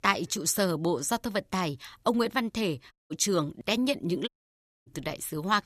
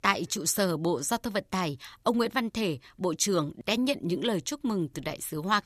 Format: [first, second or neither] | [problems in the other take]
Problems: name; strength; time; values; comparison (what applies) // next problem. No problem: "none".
second | audio cutting out; at 3 s and at 4.5 s for 0.5 s